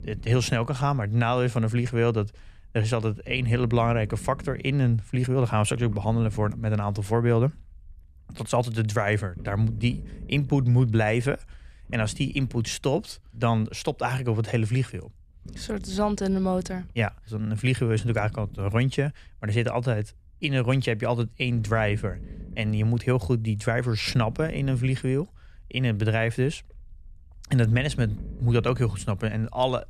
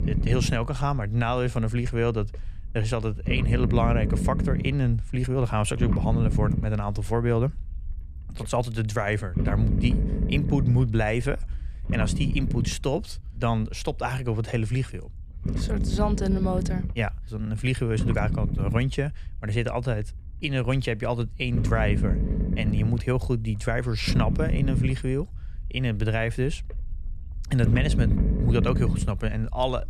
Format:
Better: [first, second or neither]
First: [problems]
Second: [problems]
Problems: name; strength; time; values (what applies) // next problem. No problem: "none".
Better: first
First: low rumble; faint; throughout; 20 dB below the speech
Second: low rumble; loud; throughout; 7 dB below the speech